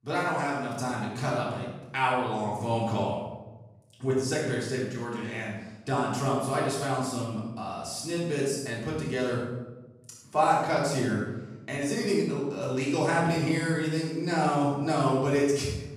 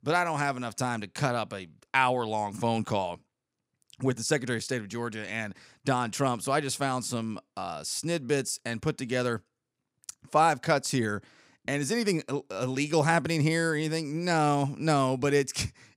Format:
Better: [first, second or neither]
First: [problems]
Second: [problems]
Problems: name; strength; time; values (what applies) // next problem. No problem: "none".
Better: second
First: off-mic speech; far // room echo; noticeable; dies away in 1 s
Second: none